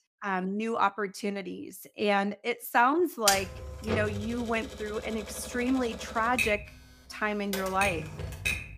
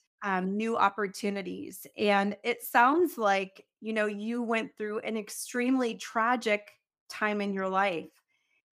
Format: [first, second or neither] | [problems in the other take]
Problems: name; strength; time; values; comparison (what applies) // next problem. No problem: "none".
second | keyboard typing; loud; from 3.5 s on; peak 3 dB above the speech